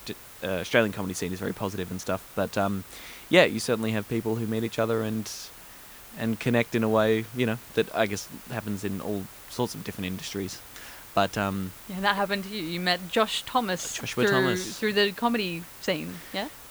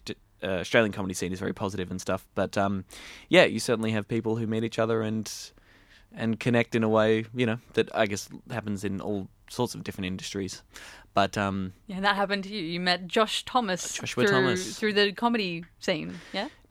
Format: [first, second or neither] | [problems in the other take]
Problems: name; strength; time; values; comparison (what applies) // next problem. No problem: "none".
second | hiss; noticeable; throughout; 15 dB below the speech